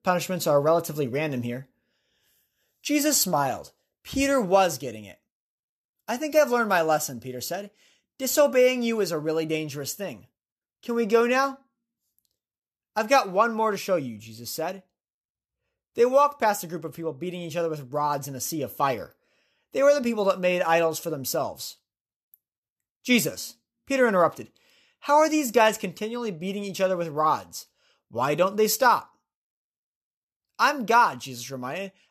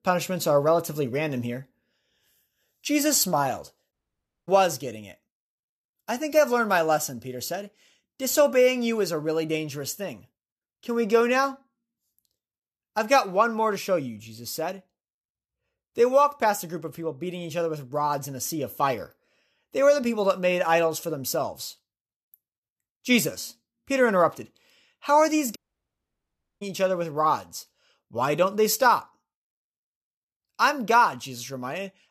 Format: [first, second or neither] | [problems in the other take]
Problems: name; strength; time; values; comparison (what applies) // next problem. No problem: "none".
first | audio cutting out; at 4 s for 0.5 s and at 26 s for 1 s